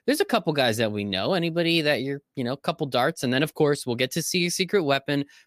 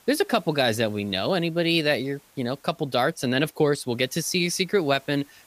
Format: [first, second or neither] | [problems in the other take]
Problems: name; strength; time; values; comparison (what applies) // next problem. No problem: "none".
first | hiss; faint; throughout; 30 dB below the speech